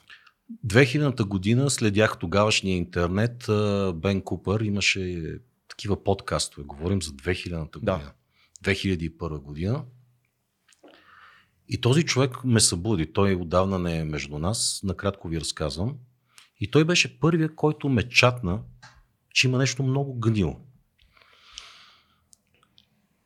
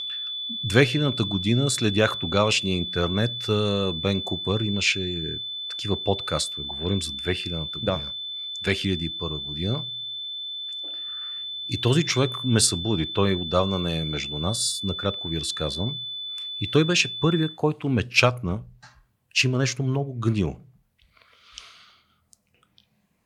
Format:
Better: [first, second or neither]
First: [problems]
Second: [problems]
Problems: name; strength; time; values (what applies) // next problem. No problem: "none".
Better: first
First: none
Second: high-pitched whine; loud; until 18 s; 3.5 kHz, 5 dB below the speech